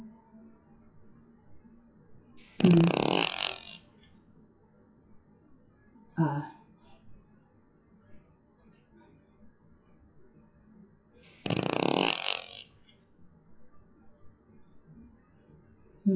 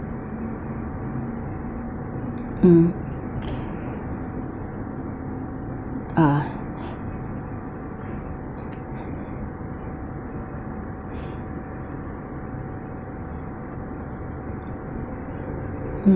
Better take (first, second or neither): second